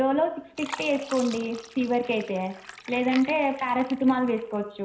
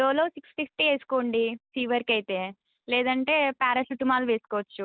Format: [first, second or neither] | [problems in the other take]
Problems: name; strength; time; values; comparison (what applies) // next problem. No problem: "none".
second | background sound (Fill (with liquid)); 17 dB below the speech // room echo; dies away in 0.5 s